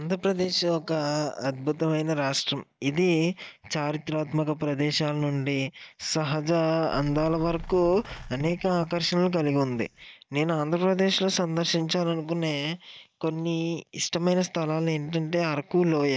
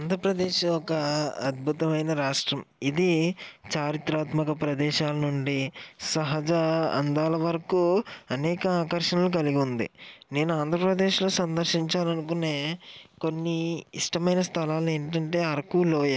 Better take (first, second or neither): second